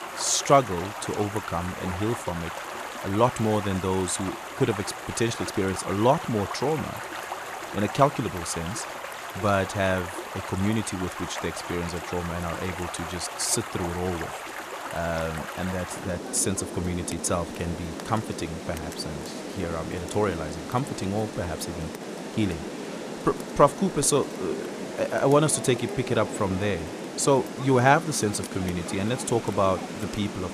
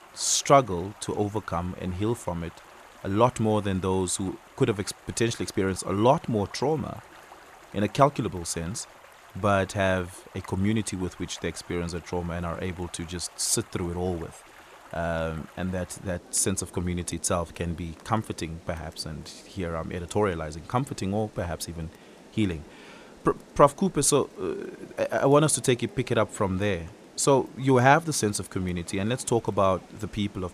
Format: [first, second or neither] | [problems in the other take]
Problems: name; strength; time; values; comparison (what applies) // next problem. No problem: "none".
second | rain or running water; loud; throughout; 8 dB below the speech; faint in the second